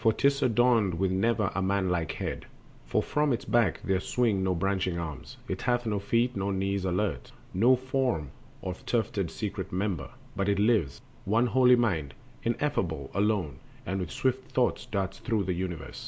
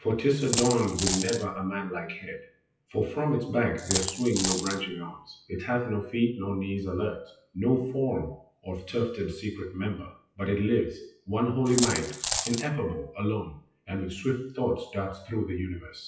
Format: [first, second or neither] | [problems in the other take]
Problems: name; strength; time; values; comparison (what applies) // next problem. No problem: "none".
first | noise reduction (classical method WPE with log-MMSE)